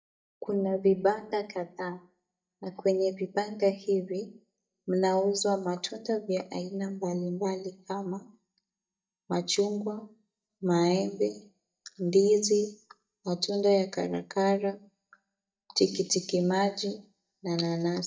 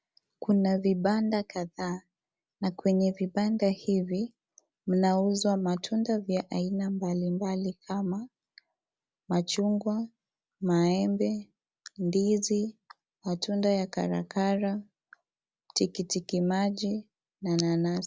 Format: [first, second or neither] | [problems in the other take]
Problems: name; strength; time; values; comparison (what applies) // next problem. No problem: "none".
second | noise reduction (neural mask model DeepFilterNet 3)